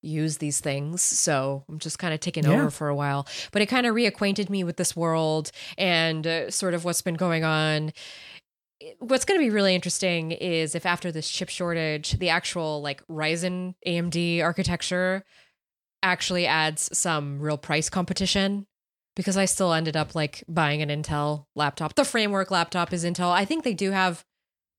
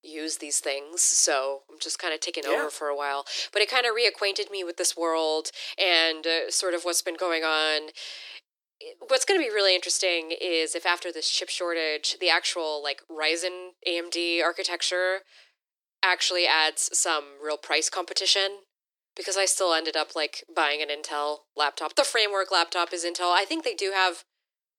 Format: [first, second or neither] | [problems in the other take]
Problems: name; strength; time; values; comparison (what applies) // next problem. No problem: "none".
first | thin; very; fading below 350 Hz